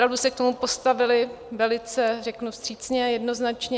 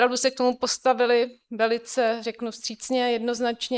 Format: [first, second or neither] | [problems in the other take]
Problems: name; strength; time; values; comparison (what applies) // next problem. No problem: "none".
first | noise reduction (neural mask model Resemble Enhance denoiser)